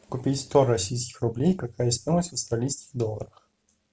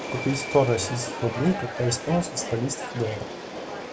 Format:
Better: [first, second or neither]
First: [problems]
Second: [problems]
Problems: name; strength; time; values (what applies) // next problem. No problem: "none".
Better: first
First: none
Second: background sound (Subway, metro, underground); 7 dB below the speech